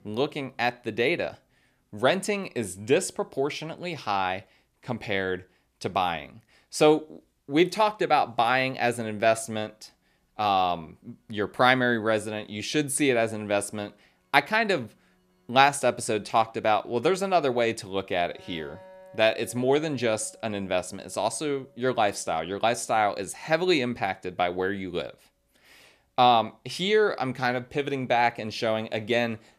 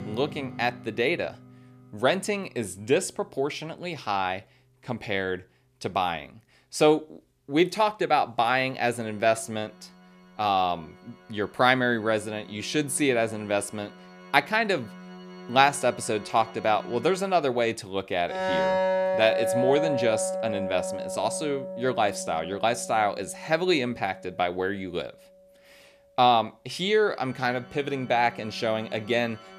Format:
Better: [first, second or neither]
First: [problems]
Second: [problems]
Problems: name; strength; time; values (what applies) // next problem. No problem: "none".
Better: first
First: background music; faint; throughout; 30 dB below the speech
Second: background music; loud; throughout; 6 dB below the speech